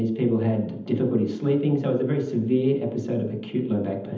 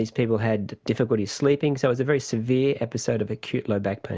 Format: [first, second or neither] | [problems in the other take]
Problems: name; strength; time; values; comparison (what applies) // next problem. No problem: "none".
second | room echo; dies away in 0.8 s